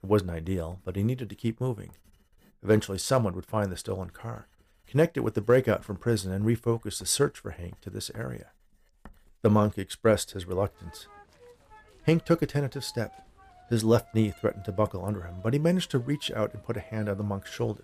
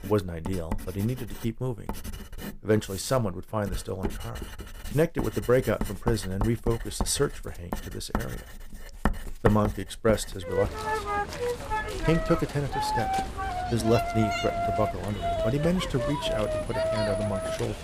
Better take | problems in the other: first | household noises; loud; throughout; 3 dB below the speech; faint in the first

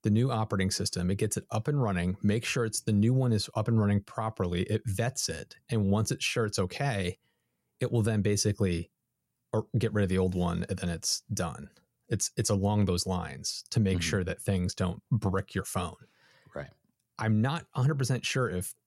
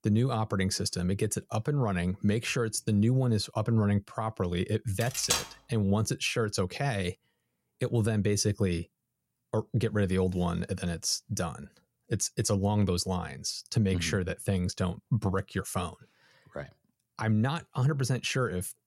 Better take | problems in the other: first | clattering dishes; loud; at 5 s; peak 1 dB above the speech

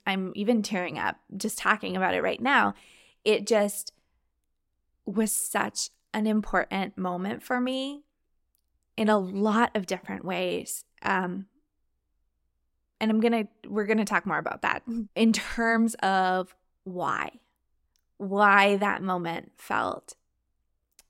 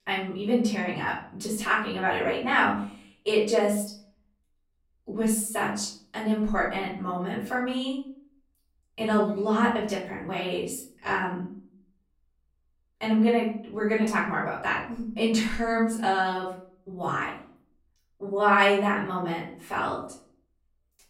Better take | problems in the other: first | room echo; noticeable; dies away in 0.4 s // off-mic speech; far

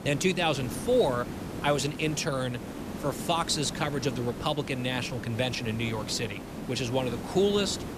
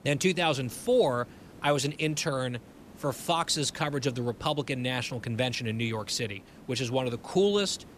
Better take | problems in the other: second | hiss; loud; throughout; 9 dB below the speech; faint in the second

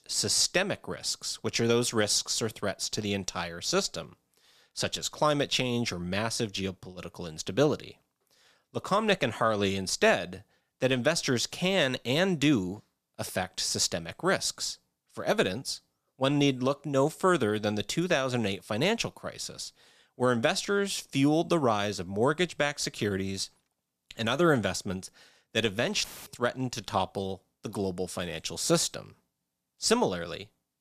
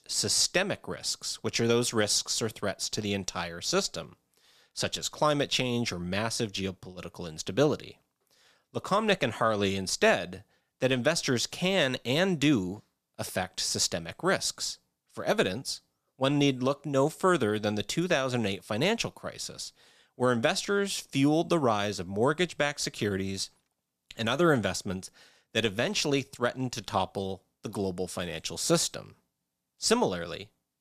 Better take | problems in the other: second | audio cutting out; filled with static; at 26 s

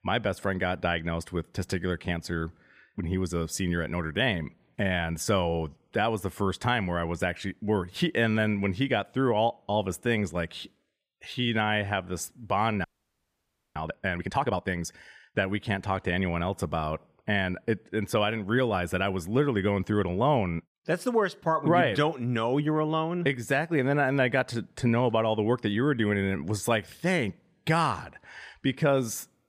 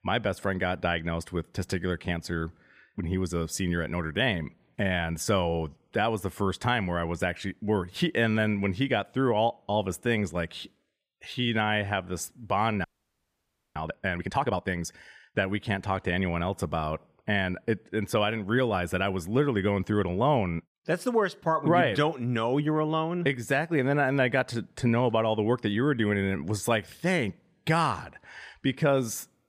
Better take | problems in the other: neither | audio freezing; at 13 s for 1 s; the same in both

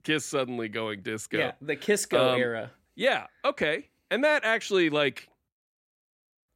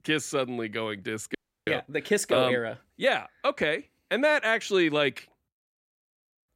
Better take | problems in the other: first | audio freezing; at 1.5 s

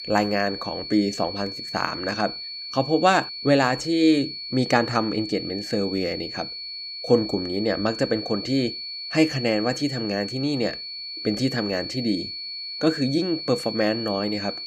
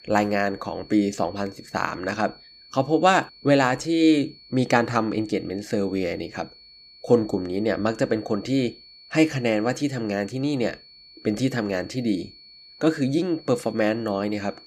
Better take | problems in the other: second | high-pitched whine; loud; throughout; 4.5 kHz, 7 dB below the speech; faint in the second

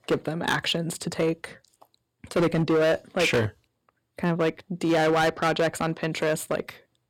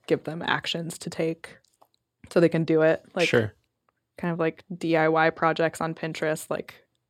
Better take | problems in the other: second | distortion; heavy; 9% of the sound clipped

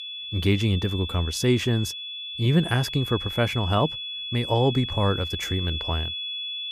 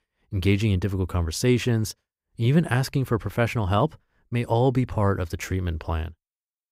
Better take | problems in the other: second | high-pitched whine; loud; throughout; 3.5 kHz, 6 dB below the speech

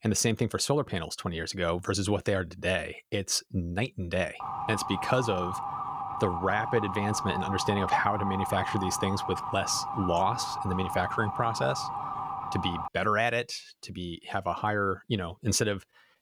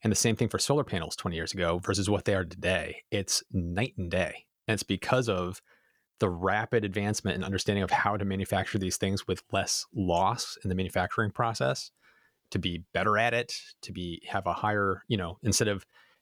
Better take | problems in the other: second | siren; noticeable; from 4.5 to 13 s; peak 3 dB below the speech

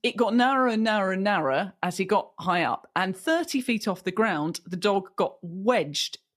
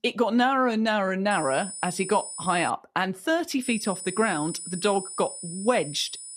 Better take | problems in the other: first | high-pitched whine; loud; from 1.5 to 2.5 s and from 3.5 s on; 9.5 kHz, 9 dB below the speech

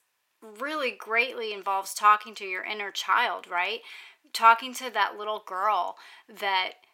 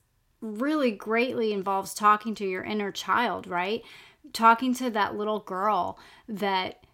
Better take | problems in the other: second | thin; very; fading below 650 Hz

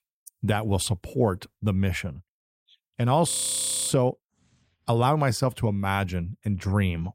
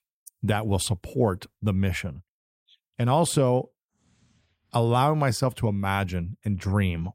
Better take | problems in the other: second | audio freezing; at 3.5 s for 0.5 s

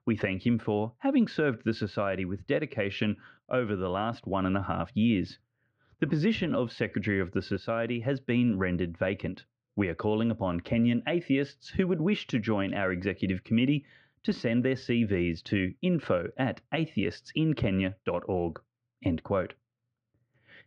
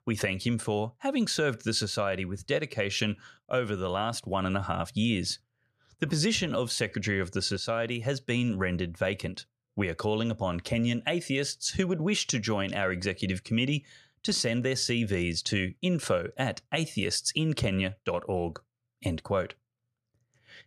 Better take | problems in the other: second | muffled; very; fading above 2.5 kHz

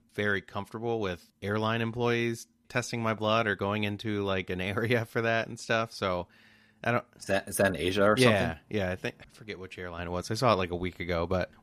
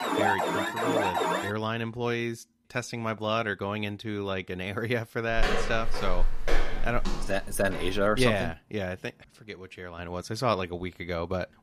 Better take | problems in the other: first | alarm; loud; until 1.5 s; peak 5 dB above the speech // footsteps; loud; from 5.5 to 8.5 s; peak 1 dB above the speech

